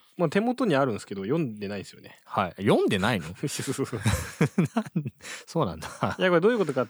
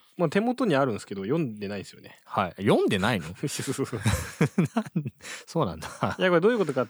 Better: neither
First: none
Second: none

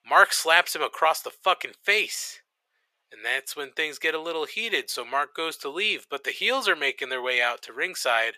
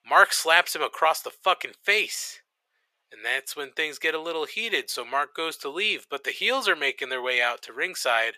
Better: neither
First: thin; very; fading below 550 Hz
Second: thin; very; fading below 550 Hz

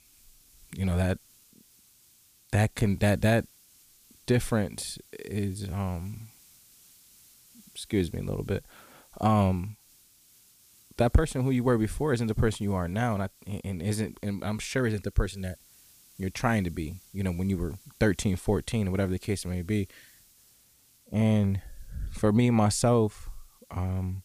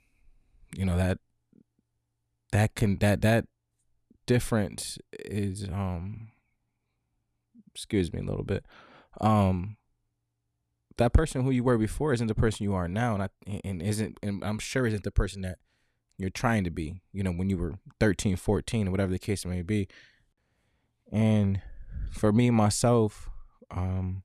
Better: second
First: hiss; faint; throughout; 25 dB below the speech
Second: none

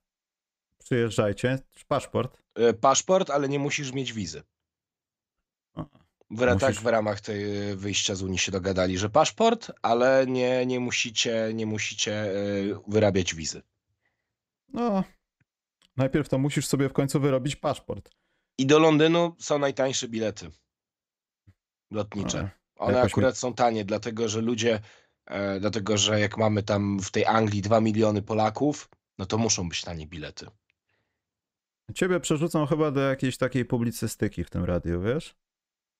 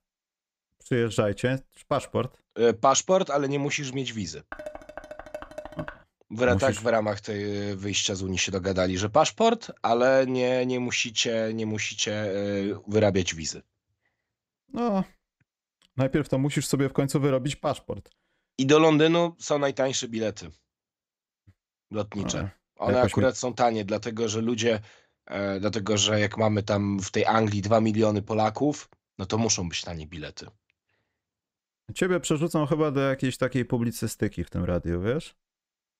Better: first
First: none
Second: clattering dishes; faint; from 4.5 to 6 s; peak 15 dB below the speech

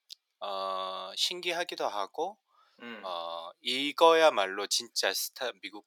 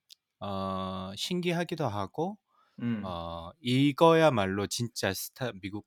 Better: second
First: thin; very; fading below 450 Hz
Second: none

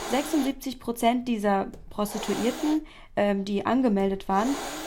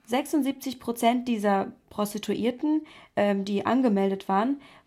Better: second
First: hiss; loud; throughout; 10 dB below the speech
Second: none

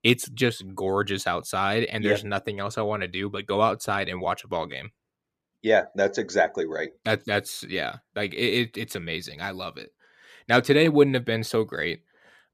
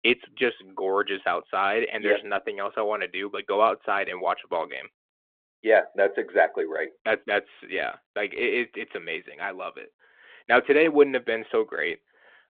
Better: first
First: none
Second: phone-call audio

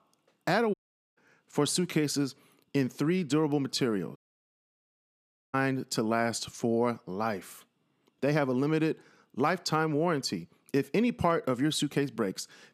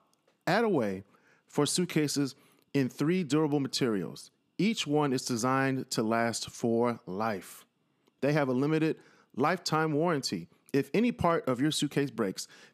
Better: second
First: audio cutting out; at 0.5 s and at 4 s for 1.5 s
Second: none

